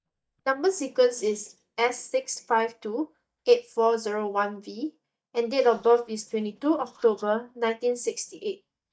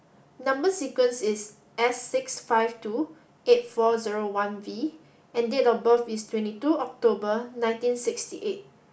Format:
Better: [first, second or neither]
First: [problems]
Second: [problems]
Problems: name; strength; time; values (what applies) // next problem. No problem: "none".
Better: second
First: noise reduction (neural mask model DeepFilterNet 3)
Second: none